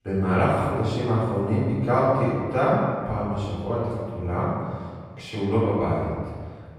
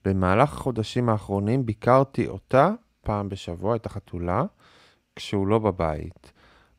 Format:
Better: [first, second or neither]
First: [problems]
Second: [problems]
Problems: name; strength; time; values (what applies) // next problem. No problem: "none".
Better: second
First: room echo; strong; dies away in 1.7 s // off-mic speech; far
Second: none